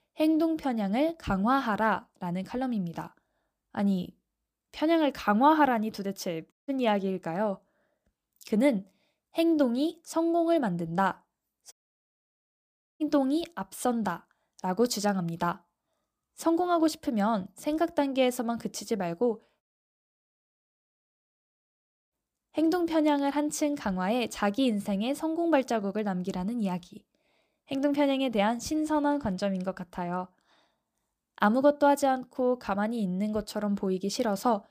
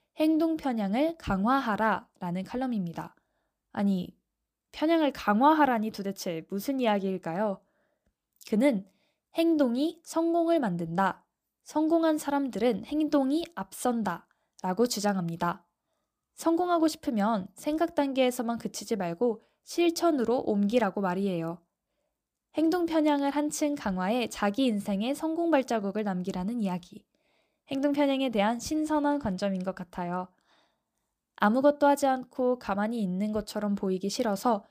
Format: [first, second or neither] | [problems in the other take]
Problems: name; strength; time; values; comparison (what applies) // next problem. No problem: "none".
second | audio cutting out; at 6.5 s, at 12 s for 1.5 s and at 20 s for 2.5 s